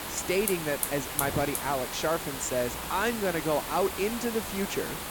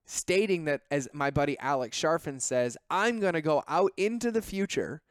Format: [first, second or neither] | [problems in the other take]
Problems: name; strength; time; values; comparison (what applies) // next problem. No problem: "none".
second | hiss; loud; throughout; 3 dB below the speech